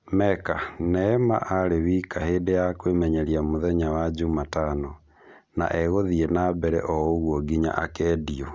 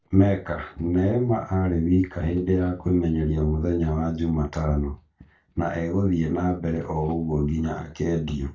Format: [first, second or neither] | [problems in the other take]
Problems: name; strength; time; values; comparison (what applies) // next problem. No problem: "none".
first | noise reduction (neural mask model DeepFilterNet 3)